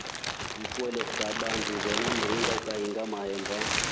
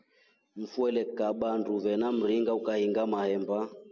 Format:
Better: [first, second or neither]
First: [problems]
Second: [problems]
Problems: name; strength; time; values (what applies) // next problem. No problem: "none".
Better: second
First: background sound (Crumpling, crinkling); 2 dB above the speech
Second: none